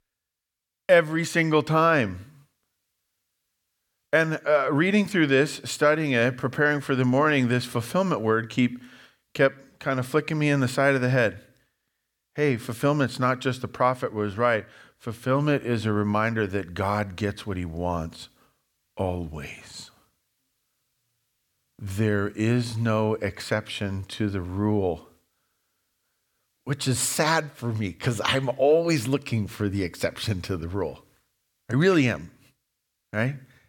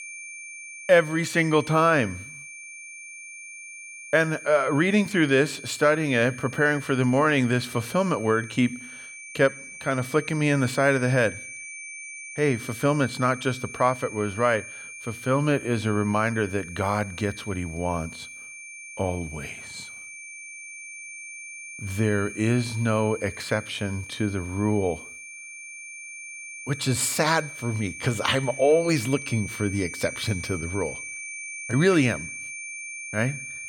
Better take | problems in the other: first | high-pitched whine; noticeable; throughout; 2.5 kHz, 15 dB below the speech

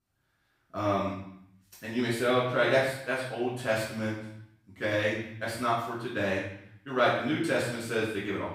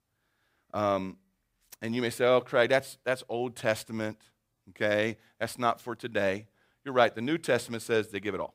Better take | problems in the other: second | off-mic speech; far // room echo; noticeable; dies away in 0.7 s

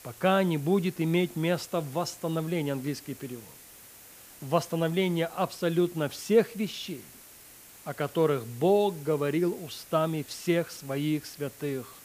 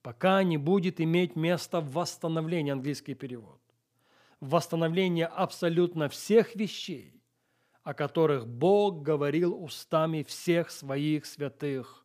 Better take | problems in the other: second | hiss; noticeable; throughout; 20 dB below the speech

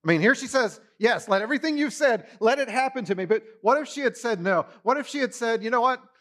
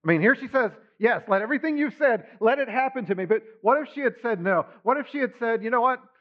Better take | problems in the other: first | muffled; very; fading above 2.5 kHz

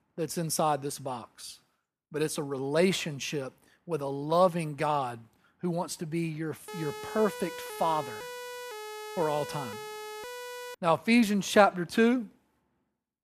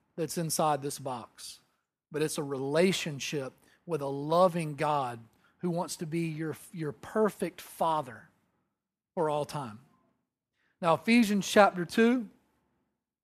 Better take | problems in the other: second | siren; faint; from 6.5 to 11 s; peak 10 dB below the speech

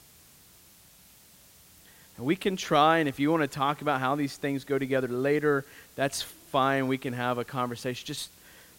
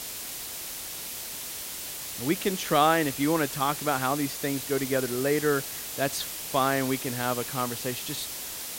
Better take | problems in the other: first | hiss; loud; throughout; 6 dB below the speech; faint in the first

